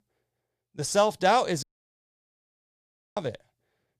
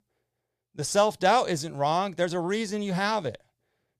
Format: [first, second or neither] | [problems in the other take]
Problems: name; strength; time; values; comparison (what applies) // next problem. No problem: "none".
second | audio cutting out; at 1.5 s for 1.5 s